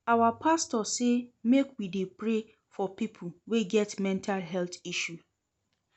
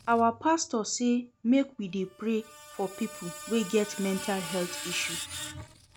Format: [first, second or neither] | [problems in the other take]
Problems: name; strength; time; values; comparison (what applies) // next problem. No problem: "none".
first | background sound (Screech); 12 dB below the speech